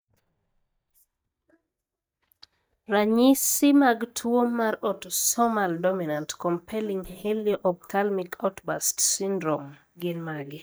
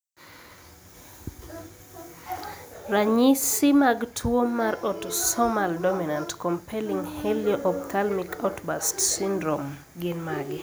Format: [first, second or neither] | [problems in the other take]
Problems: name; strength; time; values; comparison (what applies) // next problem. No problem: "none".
second | noise reduction (neural mask model DeepFilterNet 3)